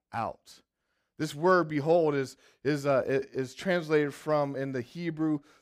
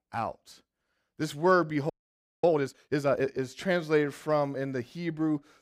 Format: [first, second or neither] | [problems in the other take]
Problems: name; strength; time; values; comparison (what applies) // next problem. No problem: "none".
first | audio freezing; at 2 s for 0.5 s